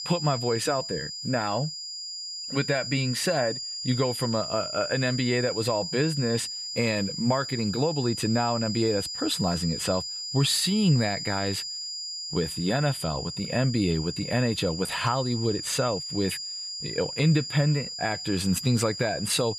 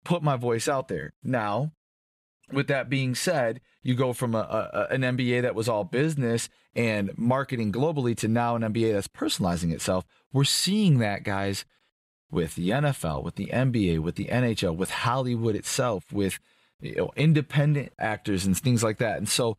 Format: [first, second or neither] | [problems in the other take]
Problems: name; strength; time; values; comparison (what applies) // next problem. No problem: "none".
second | high-pitched whine; loud; throughout; 5 kHz, 5 dB below the speech